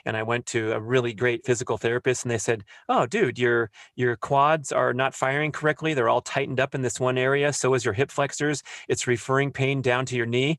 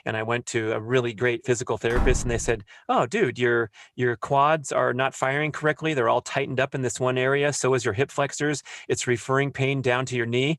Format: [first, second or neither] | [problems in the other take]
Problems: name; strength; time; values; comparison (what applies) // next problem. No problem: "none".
first | door banging; noticeable; at 2 s; peak 4 dB below the speech